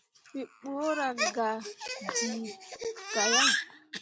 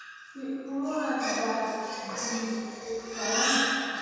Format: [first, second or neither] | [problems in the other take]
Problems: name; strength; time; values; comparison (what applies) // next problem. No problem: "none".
first | background sound (Gong); 19 dB below the speech // room echo; dies away in 2.1 s